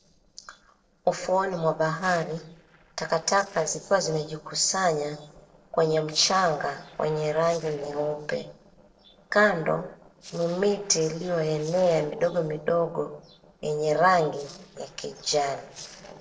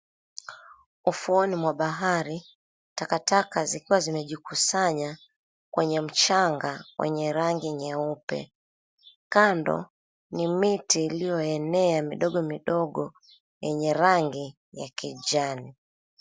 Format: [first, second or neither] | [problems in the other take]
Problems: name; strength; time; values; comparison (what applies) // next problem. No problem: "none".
second | noise reduction (neural separator model SepFormer DNS4)